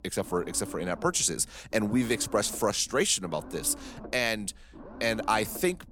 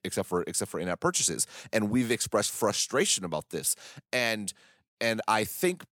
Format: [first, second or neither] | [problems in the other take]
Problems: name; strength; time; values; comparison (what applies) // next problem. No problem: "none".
second | low rumble; noticeable; throughout; 20 dB below the speech